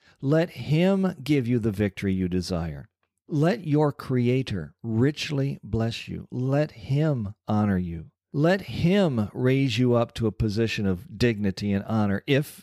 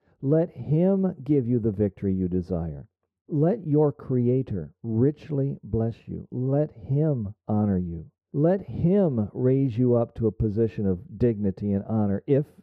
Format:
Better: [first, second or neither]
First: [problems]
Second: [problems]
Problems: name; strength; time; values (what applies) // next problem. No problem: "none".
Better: first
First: none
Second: muffled; very; fading above 1.5 kHz